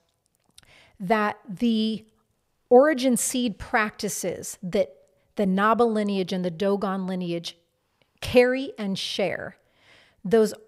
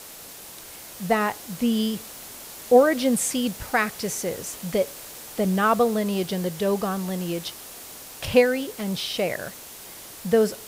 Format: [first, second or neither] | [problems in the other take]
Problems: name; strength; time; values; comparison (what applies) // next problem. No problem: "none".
first | hiss; noticeable; throughout; 15 dB below the speech